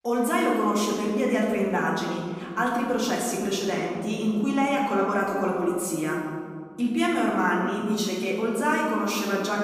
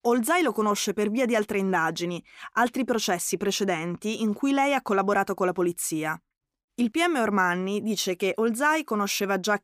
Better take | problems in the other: second | room echo; noticeable; dies away in 2.1 s // off-mic speech; far

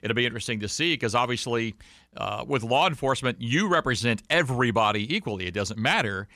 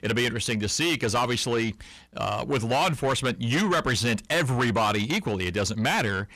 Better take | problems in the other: first | distortion; heavy; 8 dB below the speech

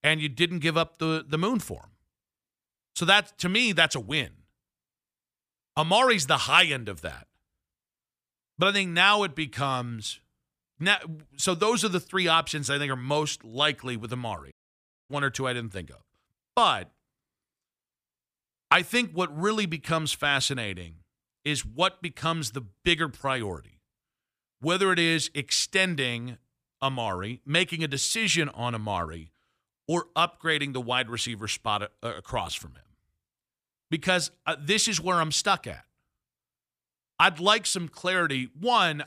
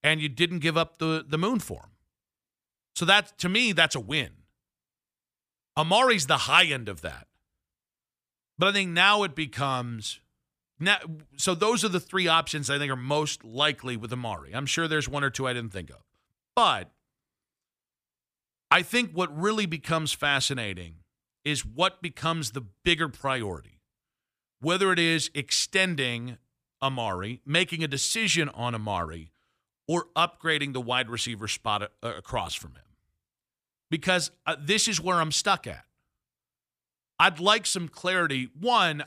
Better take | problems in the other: second | audio cutting out; at 15 s for 0.5 s

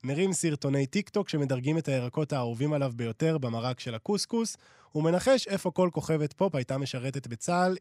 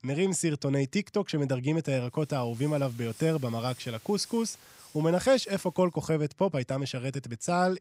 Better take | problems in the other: first | hiss; faint; from 2 to 6 s; 20 dB below the speech

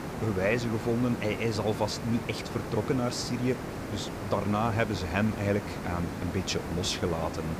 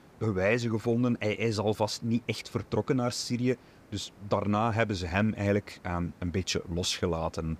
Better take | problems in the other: second | hiss; loud; throughout; 6 dB below the speech; faint in the second

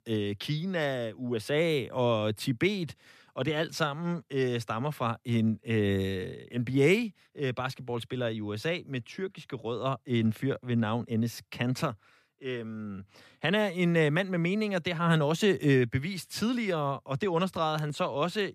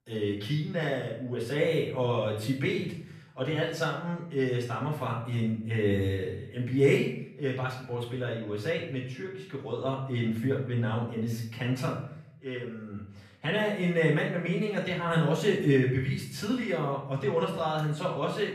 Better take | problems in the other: first | off-mic speech; far // room echo; noticeable; dies away in 0.6 s

